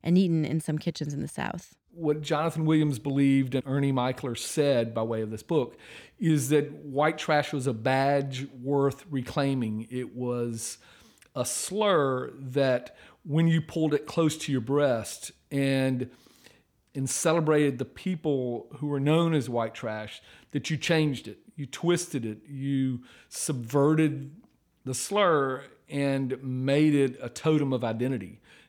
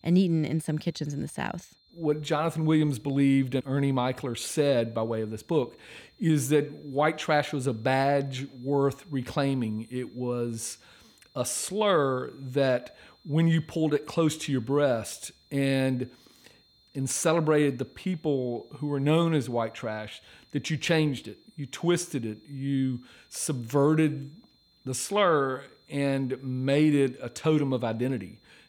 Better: first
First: none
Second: high-pitched whine; faint; throughout; 4 kHz, 35 dB below the speech

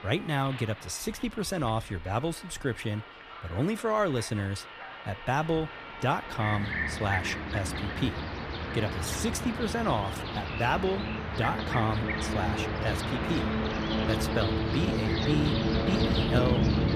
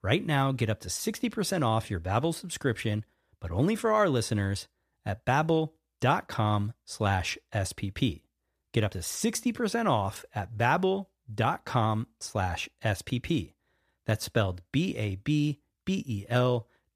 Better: second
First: train or aircraft noise; very loud; throughout; as loud as the speech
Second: none

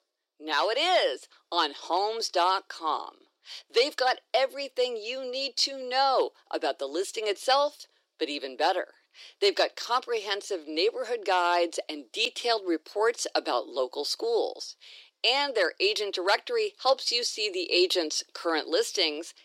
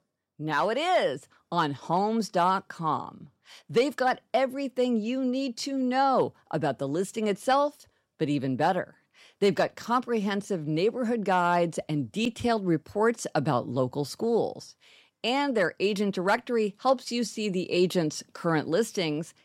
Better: second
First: thin; very; fading below 350 Hz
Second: none

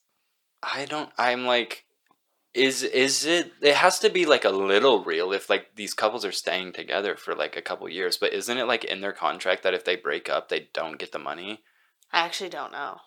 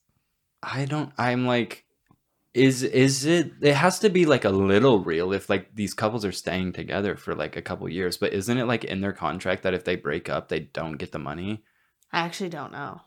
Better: second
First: thin; somewhat; fading below 500 Hz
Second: none

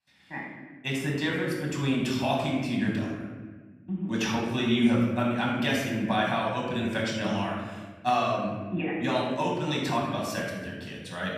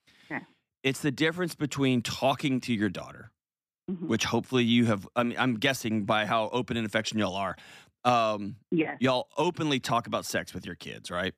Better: second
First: off-mic speech; far // room echo; noticeable; dies away in 1.4 s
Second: none

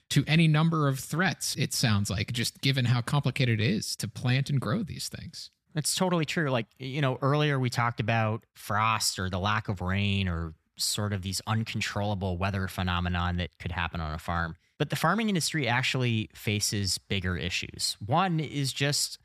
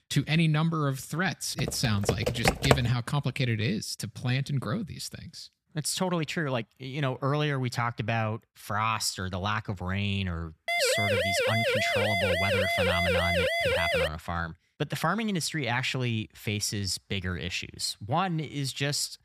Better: first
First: none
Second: keyboard typing; loud; from 1.5 to 3 s; peak 5 dB above the speech // siren; loud; from 11 to 14 s; peak 5 dB above the speech

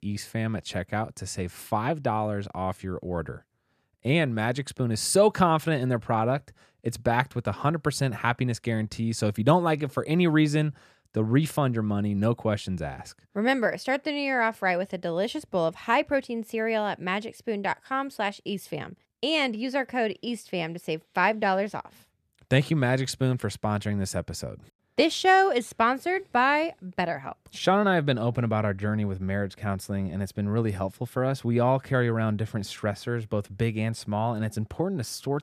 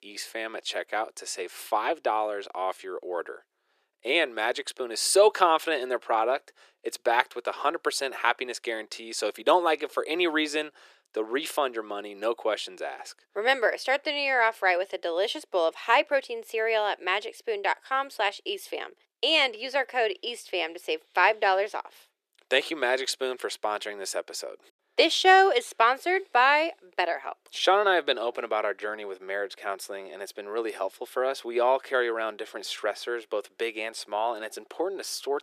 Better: first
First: none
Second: thin; very; fading below 350 Hz

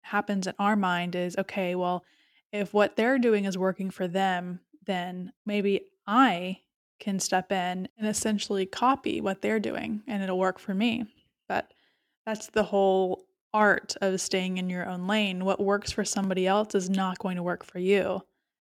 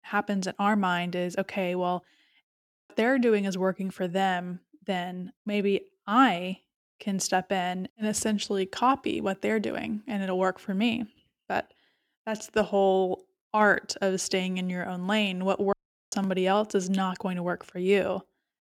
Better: first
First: none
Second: audio cutting out; at 2.5 s and at 16 s

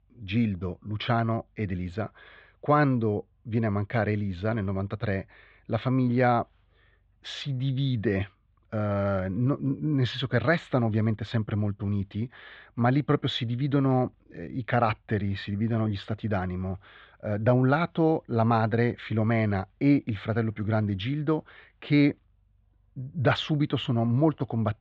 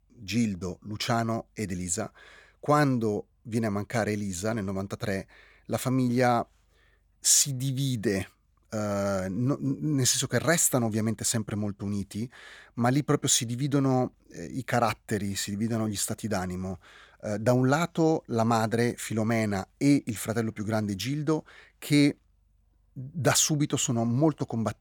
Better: second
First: muffled; very; fading above 3.5 kHz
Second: none

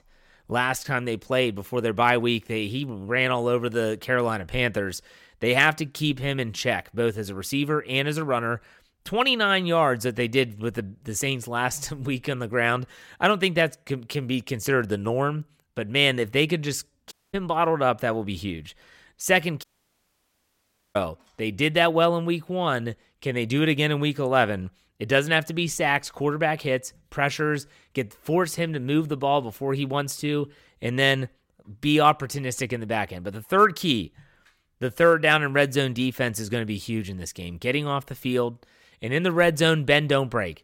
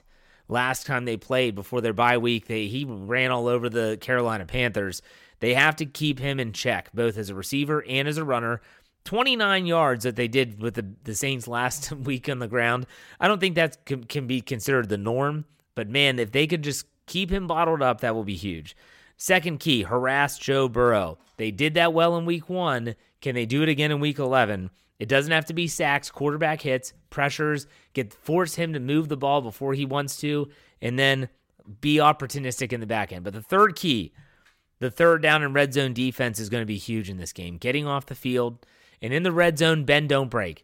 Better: second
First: audio cutting out; at 17 s and at 20 s for 1.5 s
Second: none

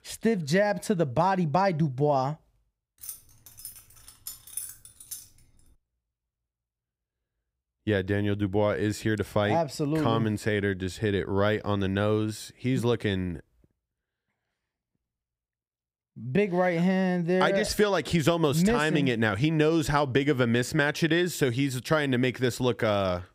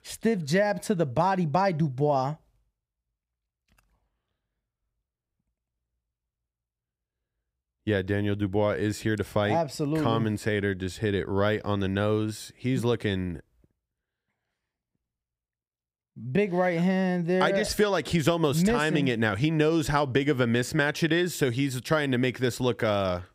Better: second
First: jangling keys; faint; from 3 to 5 s; peak 10 dB below the speech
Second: none

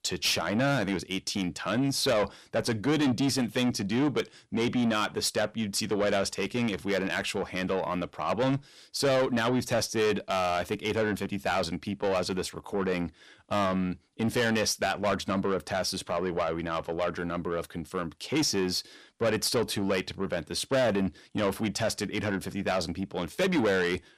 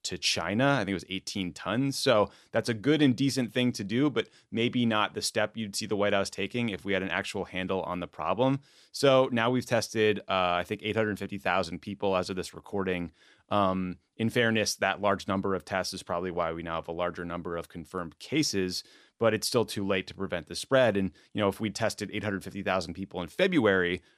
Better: second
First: distortion; heavy; 7 dB below the speech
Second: none

